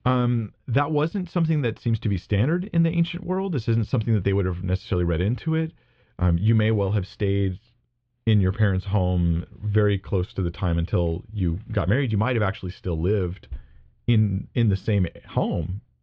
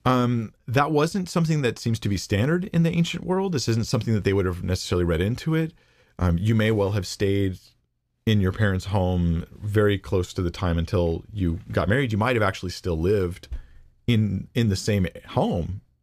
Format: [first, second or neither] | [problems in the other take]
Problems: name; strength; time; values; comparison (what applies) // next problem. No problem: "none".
second | muffled; slightly; fading above 3.5 kHz